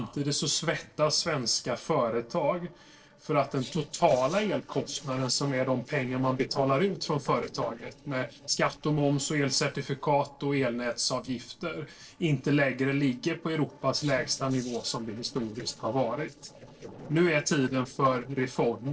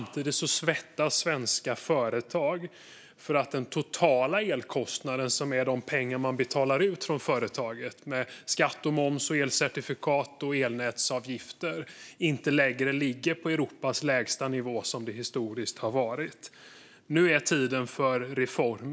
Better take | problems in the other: second | noise reduction (neural separator model SepFormer DNS4)

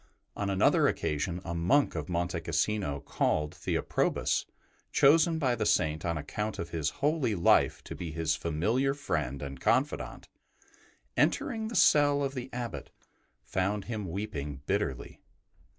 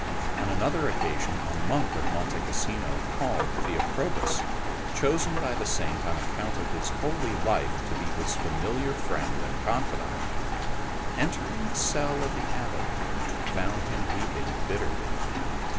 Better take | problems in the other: first | background sound (Rain); 5 dB above the speech

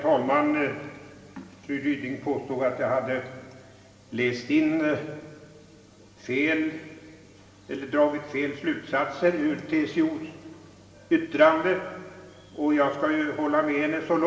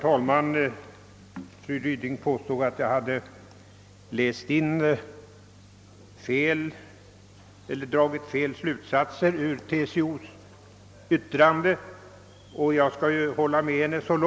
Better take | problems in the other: second | room echo; dies away in 2.3 s

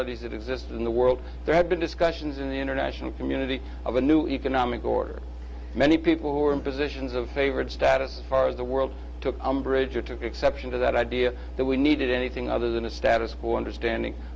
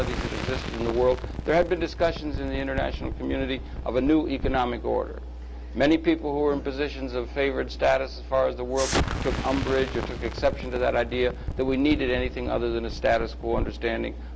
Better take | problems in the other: first | background sound (Explosion); 9 dB below the speech

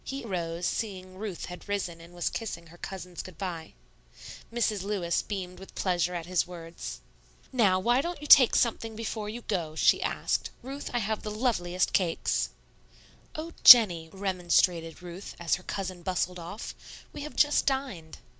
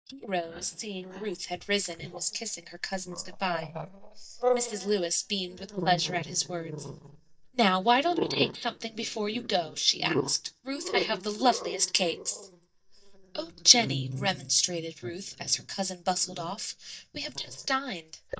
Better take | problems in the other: first | noise reduction (neural mask model DeepFilterNet 3)

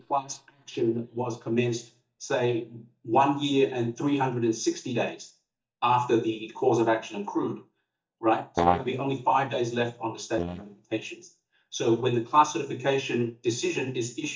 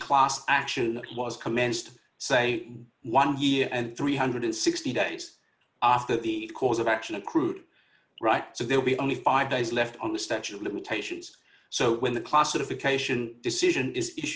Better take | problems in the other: second | noise reduction (neural mask model DeepFilterNet 3)

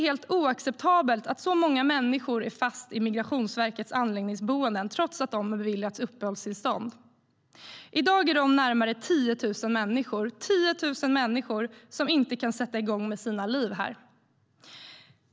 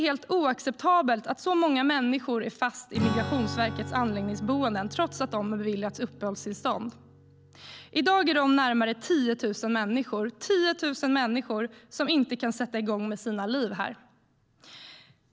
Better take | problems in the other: first | background sound (Strum); 14 dB below the speech

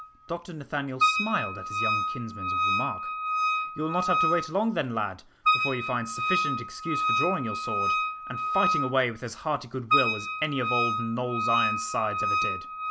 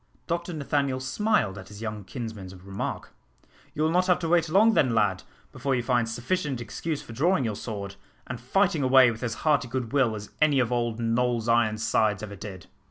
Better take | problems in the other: second | background sound (Wind instrument, woodwind instrument); 3 dB above the speech

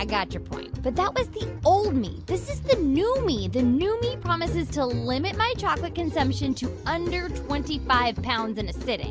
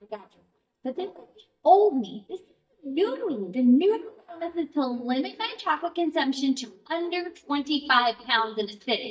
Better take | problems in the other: first | noise reduction (neural mask model DeepFilterNet 3)

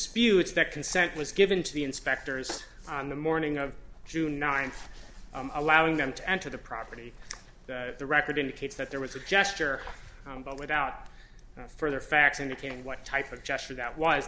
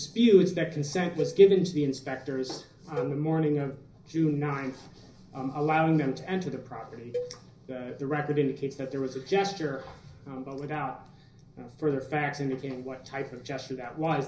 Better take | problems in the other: first | background sound (Cowbell); 13 dB below the speech // room echo; dies away in 0.5 s

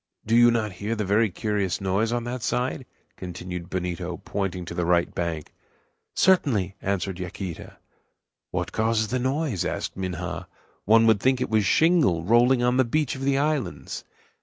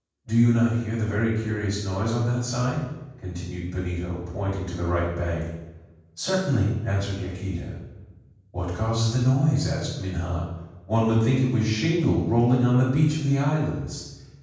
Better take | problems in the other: first | room echo; dies away in 1.2 s

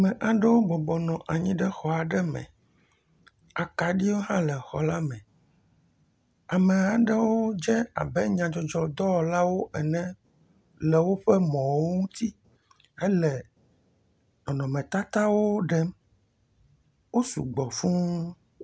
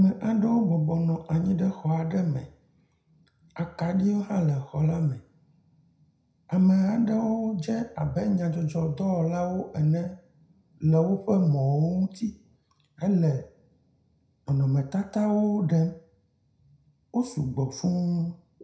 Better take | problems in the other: first | room echo; dies away in 0.5 s

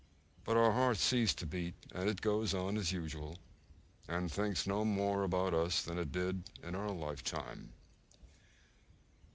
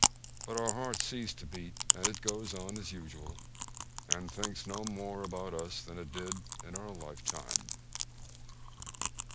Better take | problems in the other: first | background sound (Chewing, mastication); 4 dB above the speech

